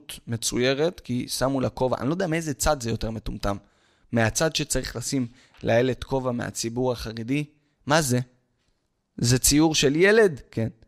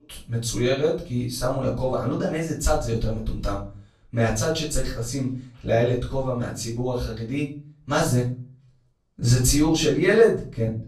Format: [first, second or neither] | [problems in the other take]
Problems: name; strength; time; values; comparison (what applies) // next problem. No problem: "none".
first | room echo; slight; dies away in 0.4 s // off-mic speech; far